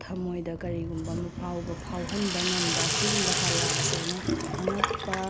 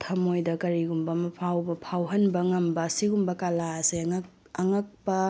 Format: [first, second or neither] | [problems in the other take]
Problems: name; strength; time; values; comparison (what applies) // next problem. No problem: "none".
second | background sound (Sink (filling or washing) / Water tap, faucet); 3 dB above the speech